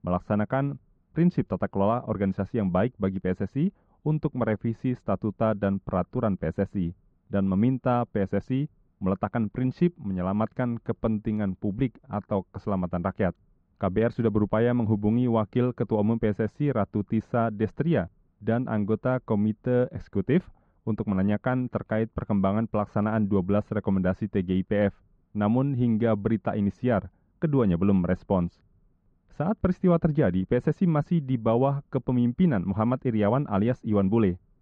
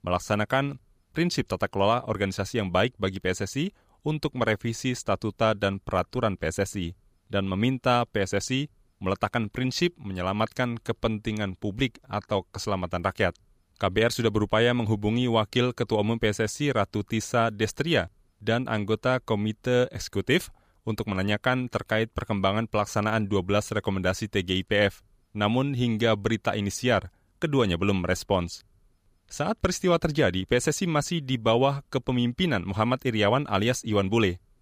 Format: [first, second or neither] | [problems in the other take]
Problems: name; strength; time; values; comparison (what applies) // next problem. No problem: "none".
second | muffled; very; fading above 1 kHz